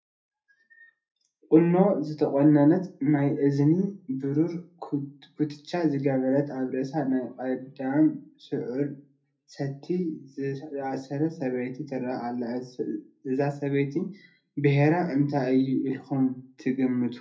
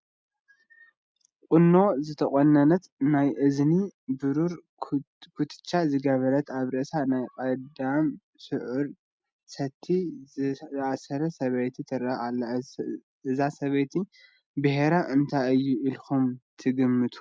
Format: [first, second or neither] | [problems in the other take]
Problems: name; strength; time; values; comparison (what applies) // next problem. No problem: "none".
second | room echo; dies away in 0.3 s